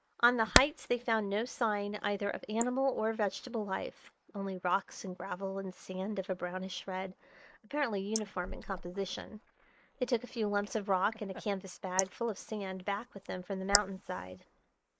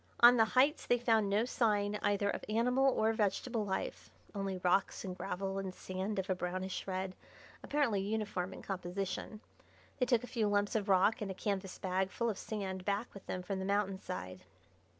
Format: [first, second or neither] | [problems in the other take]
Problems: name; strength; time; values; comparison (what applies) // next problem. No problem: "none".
second | noise reduction (neural mask model Resemble Enhance denoiser)